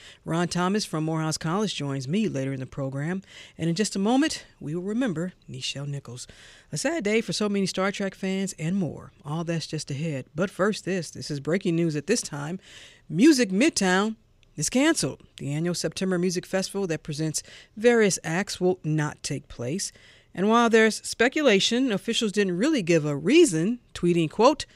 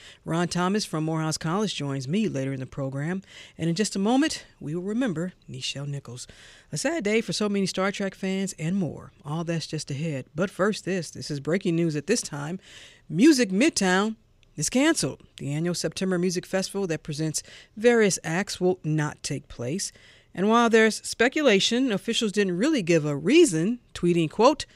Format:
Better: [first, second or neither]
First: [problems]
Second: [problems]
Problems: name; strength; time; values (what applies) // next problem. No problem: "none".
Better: neither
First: none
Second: none